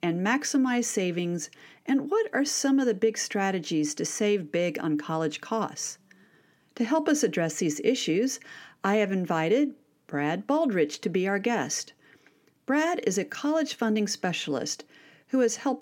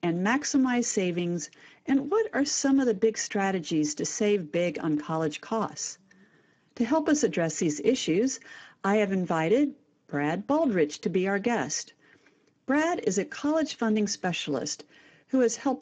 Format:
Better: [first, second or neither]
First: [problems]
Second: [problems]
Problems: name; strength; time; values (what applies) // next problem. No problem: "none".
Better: first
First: none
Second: garbled, watery; badly